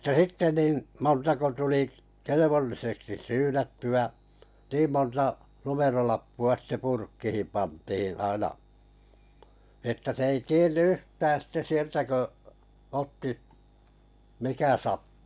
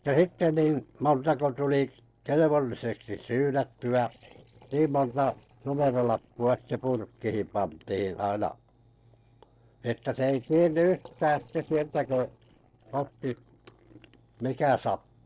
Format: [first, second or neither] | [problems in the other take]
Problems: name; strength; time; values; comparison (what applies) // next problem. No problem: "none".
first | noise reduction (neural separator model SepFormer DNS4)